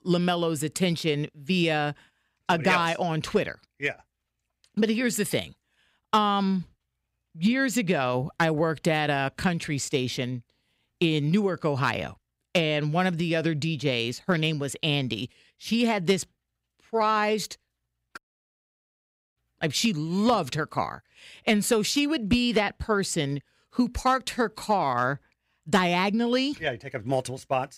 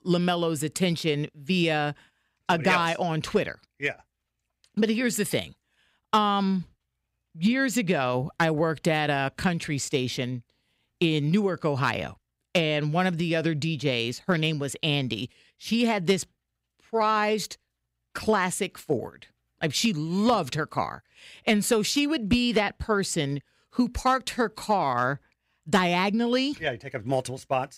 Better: second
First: audio cutting out; at 18 s for 1 s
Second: none

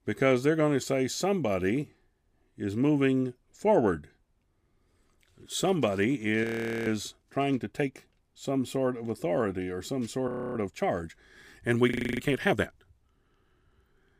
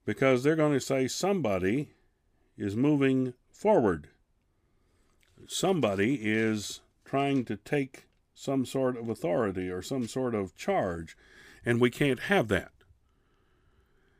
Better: second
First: audio freezing; at 6.5 s, at 10 s and at 12 s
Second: none

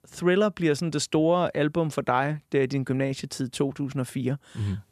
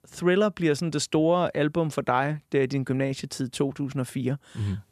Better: neither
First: none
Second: none

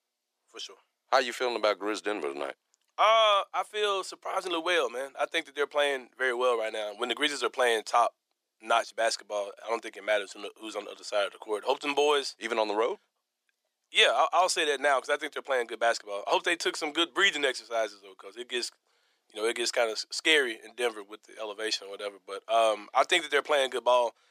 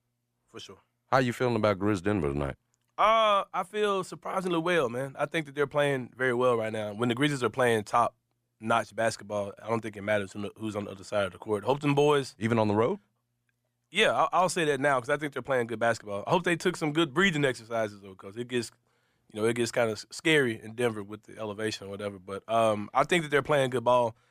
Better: second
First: thin; very; fading below 350 Hz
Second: none

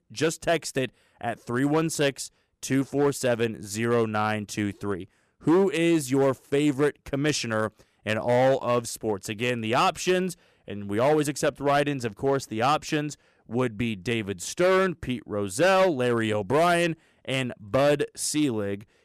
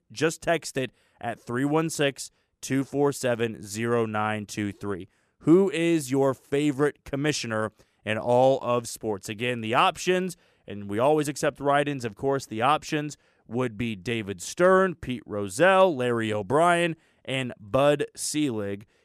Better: second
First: distortion; slight; 5% of the sound clipped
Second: none

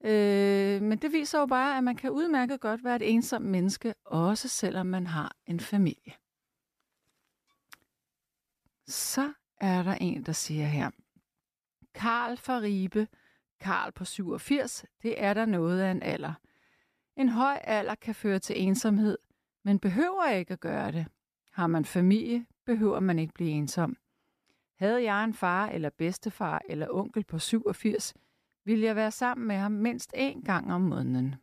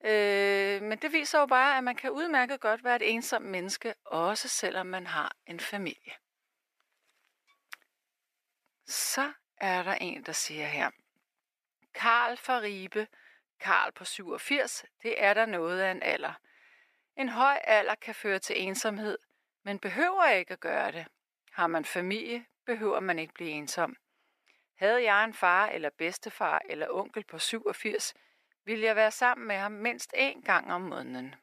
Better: first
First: none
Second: thin; very; fading below 500 Hz

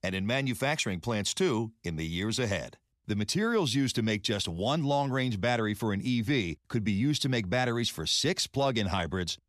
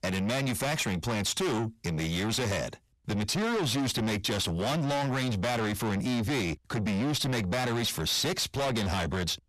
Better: first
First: none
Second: distortion; heavy; 6 dB below the speech

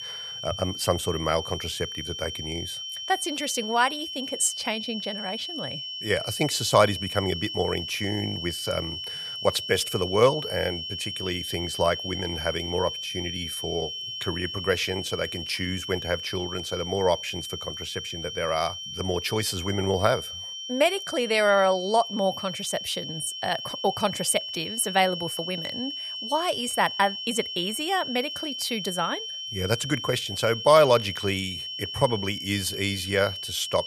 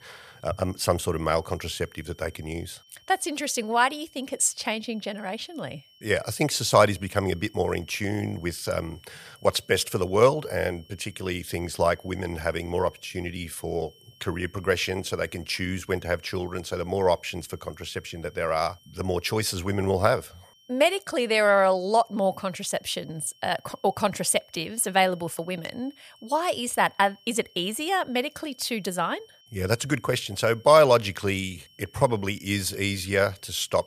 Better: second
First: high-pitched whine; loud; throughout; 3 kHz, 6 dB below the speech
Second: high-pitched whine; faint; throughout; 3 kHz, 30 dB below the speech

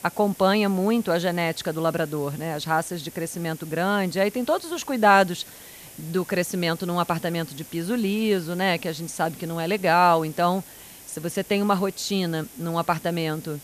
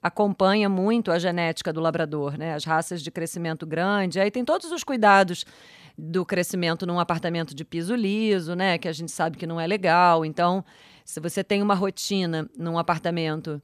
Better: second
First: hiss; noticeable; throughout; 20 dB below the speech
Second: none

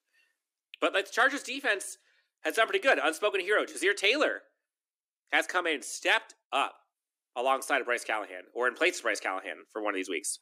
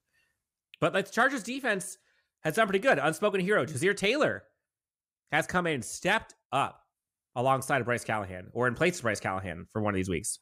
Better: second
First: thin; somewhat; fading below 300 Hz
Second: none

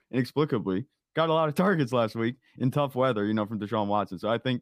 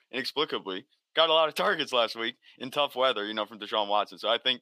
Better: first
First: none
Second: thin; very; fading below 500 Hz

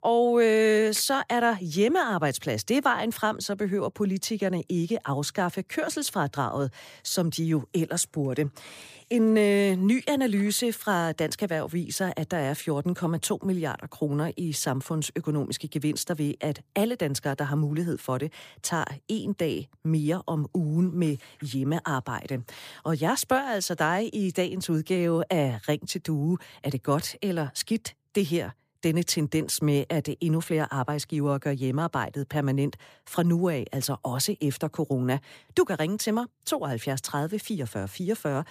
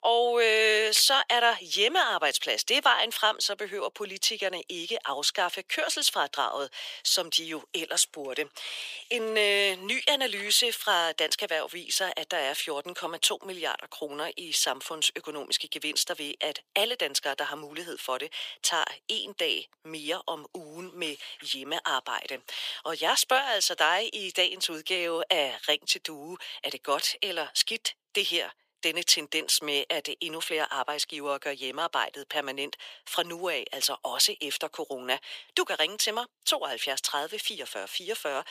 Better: first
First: none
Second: thin; very; fading below 500 Hz

